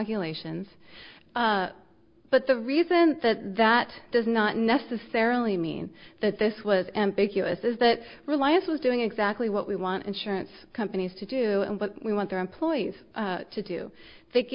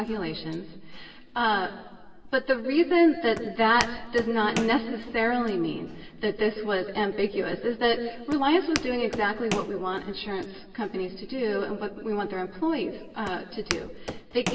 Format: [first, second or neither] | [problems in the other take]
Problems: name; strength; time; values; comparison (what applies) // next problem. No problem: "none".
first | background sound (Walk, footsteps); 13 dB below the speech // room echo; dies away in 1.4 s